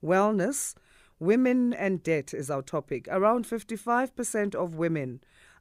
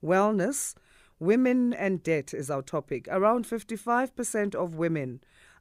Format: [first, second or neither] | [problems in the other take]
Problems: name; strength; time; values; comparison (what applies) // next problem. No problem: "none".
neither | none